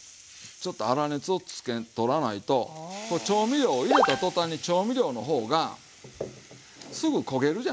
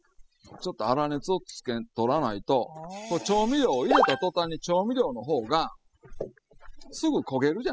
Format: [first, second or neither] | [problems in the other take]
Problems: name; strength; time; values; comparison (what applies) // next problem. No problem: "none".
first | noise reduction (classical method spectral subtraction)